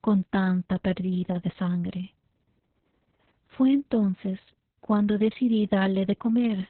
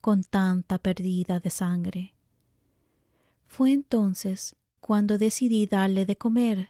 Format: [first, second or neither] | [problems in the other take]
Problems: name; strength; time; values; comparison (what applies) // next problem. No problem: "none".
second | garbled, watery; badly; nothing above 4 kHz; slightly in the second